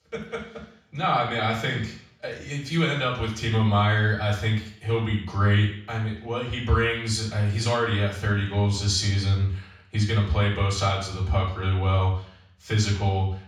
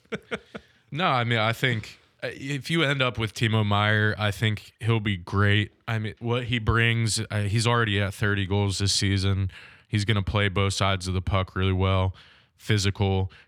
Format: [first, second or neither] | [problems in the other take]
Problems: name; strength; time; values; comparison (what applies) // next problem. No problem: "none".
second | room echo; noticeable; dies away in 0.5 s // off-mic speech; far